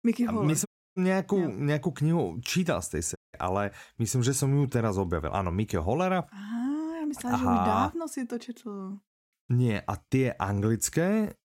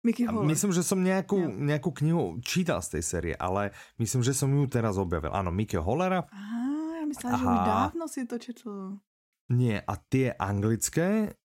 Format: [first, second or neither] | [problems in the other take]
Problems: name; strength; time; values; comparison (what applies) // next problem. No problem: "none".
second | audio cutting out; at 0.5 s and at 3 s